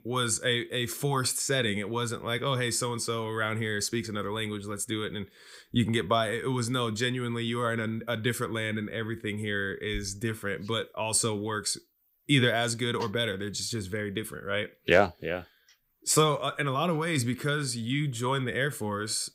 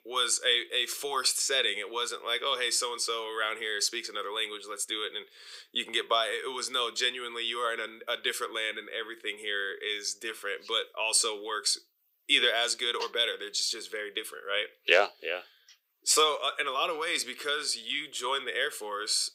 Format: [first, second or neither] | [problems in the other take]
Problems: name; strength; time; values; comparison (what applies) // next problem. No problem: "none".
first | thin; very; fading below 400 Hz